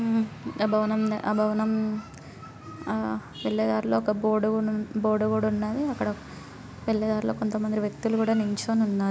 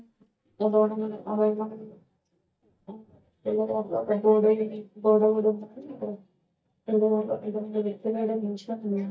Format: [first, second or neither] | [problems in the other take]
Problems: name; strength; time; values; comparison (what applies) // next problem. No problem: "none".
first | noise reduction (neural mask model DeepFilterNet 3)